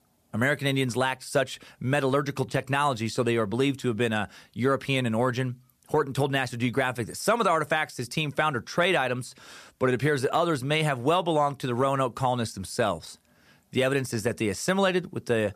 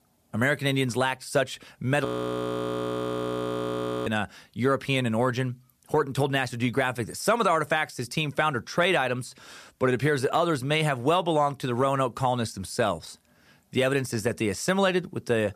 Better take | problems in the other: first | audio freezing; at 2 s for 2 s

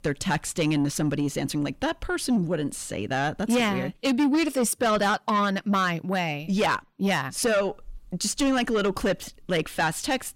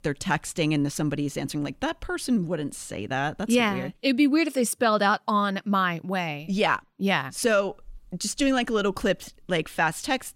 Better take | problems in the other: second | distortion; slight; 10 dB below the speech

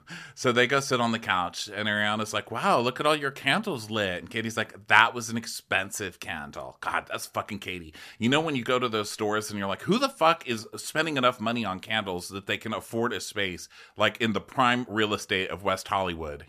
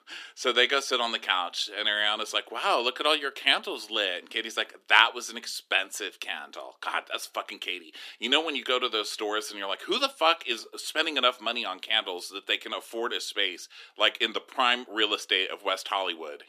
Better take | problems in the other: first | thin; somewhat; fading below 300 Hz

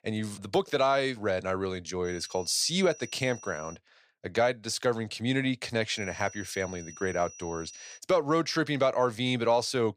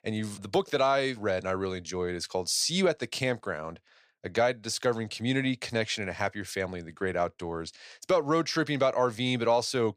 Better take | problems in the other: second | high-pitched whine; noticeable; from 2 to 4 s and from 6 to 8 s; 6 kHz, 15 dB below the speech

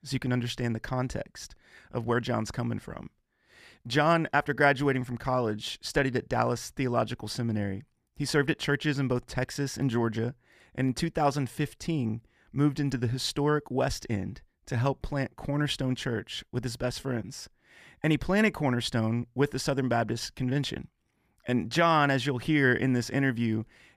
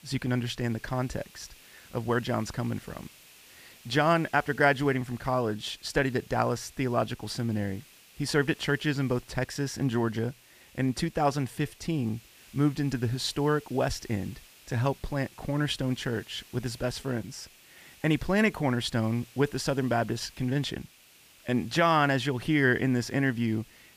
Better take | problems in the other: first | hiss; faint; throughout; 25 dB below the speech

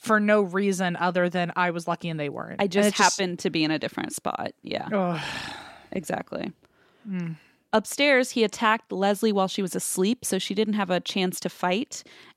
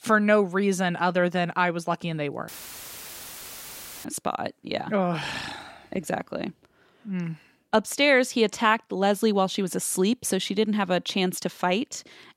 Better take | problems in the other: first | audio cutting out; filled with static; at 2.5 s for 1.5 s

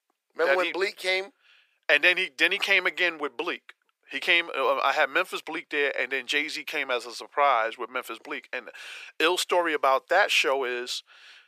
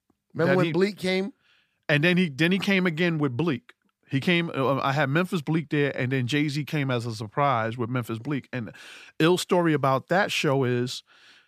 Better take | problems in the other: second | thin; very; fading below 450 Hz

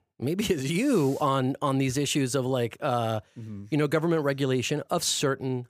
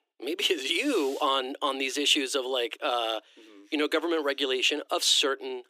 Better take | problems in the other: first | thin; somewhat; fading below 300 Hz

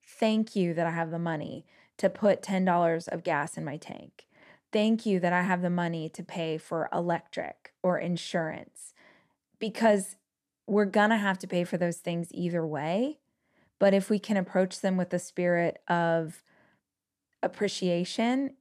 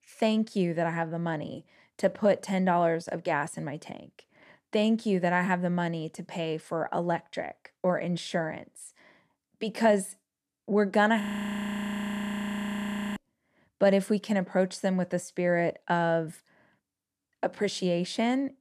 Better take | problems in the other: first | audio freezing; at 11 s for 2 s

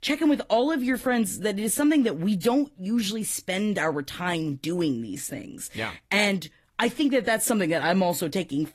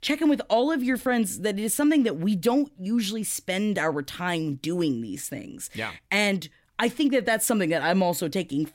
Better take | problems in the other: second | garbled, watery; slightly; nothing above 14.5 kHz

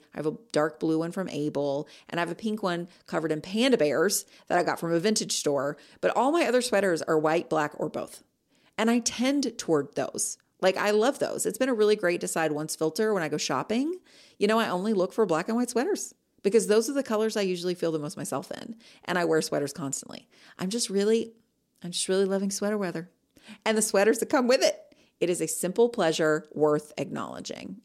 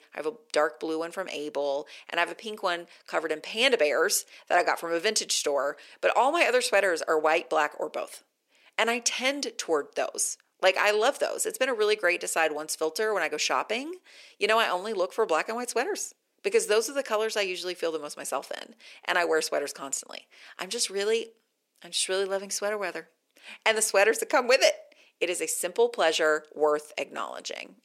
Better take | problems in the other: first | thin; somewhat; fading below 600 Hz

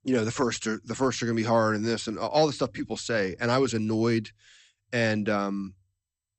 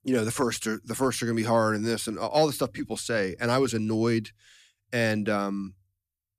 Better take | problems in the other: second | garbled, watery; slightly; nothing above 8 kHz

